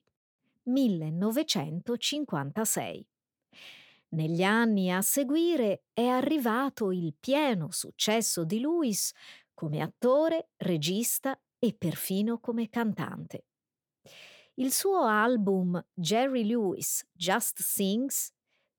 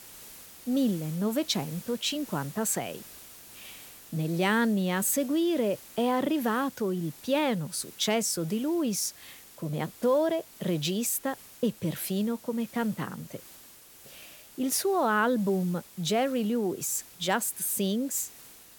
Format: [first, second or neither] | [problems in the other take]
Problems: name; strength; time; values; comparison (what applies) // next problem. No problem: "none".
first | hiss; noticeable; throughout; 20 dB below the speech